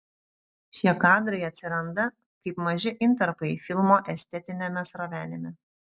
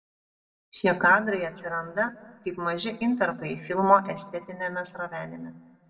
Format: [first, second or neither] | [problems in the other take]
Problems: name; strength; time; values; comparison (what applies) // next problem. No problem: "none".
first | room echo; dies away in 1.3 s